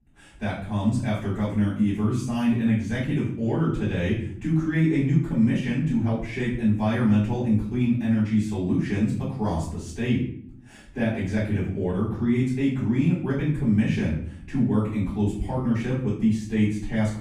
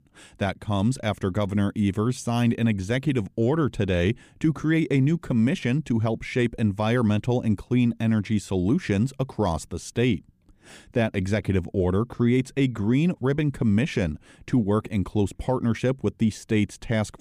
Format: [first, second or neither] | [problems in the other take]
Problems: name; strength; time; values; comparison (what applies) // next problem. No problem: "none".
second | off-mic speech; far // room echo; noticeable; dies away in 0.6 s